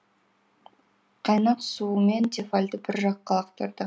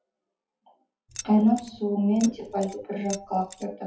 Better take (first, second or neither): first